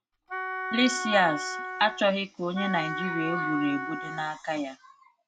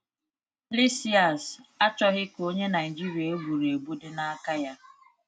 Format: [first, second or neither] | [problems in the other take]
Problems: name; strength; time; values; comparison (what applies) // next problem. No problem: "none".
second | background sound (Wind instrument, woodwind instrument); 5 dB below the speech